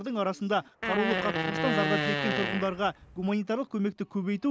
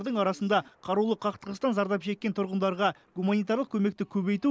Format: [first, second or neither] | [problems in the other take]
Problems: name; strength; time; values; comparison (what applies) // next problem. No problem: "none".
second | background sound (Fart); 1 dB below the speech